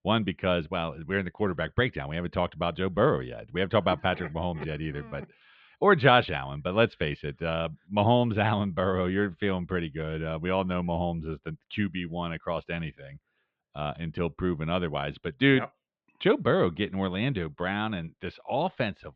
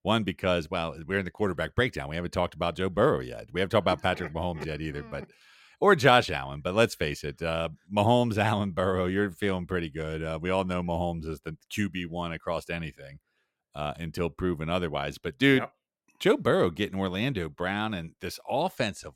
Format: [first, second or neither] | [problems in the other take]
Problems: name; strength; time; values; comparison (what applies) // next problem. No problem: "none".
second | muffled; slightly; fading above 3.5 kHz